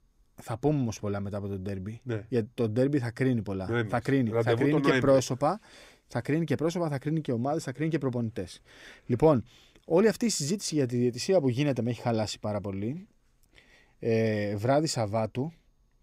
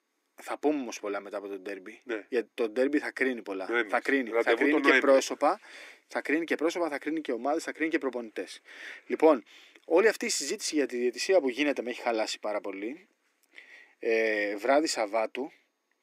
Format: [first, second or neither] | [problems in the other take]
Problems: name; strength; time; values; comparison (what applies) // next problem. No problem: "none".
first | thin; somewhat; fading below 300 Hz